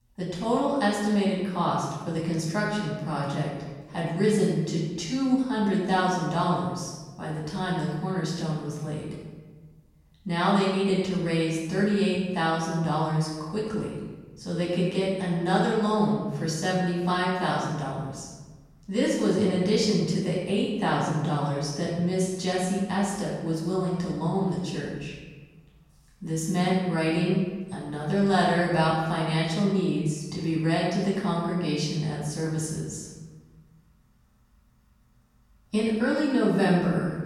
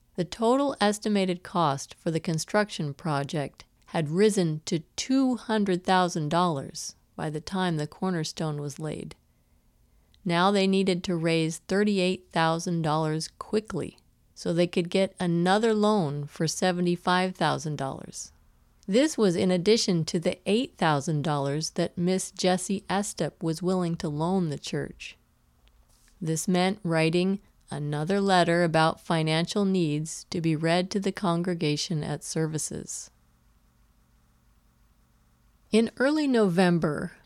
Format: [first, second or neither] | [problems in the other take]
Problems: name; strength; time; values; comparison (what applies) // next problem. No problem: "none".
second | off-mic speech; far // room echo; noticeable; dies away in 1.1 s